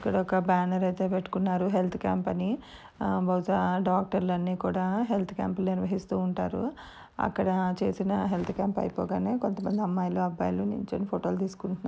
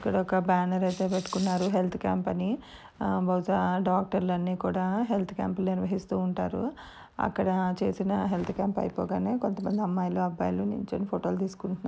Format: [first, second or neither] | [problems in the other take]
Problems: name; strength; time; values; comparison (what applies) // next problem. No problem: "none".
first | background sound (Rattle / Rattle (instrument)); 17 dB below the speech